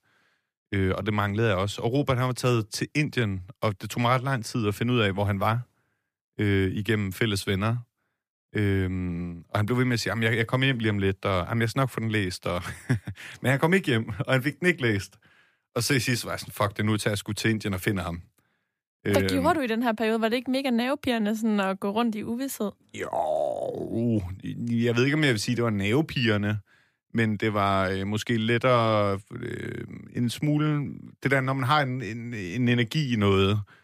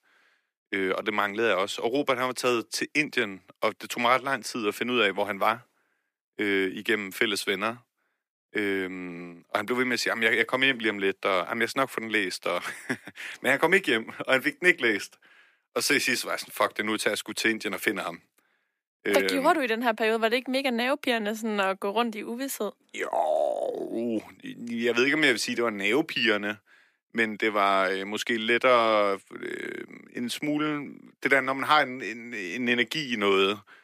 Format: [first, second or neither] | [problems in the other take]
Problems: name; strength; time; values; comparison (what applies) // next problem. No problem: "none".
first | thin; somewhat; fading below 300 Hz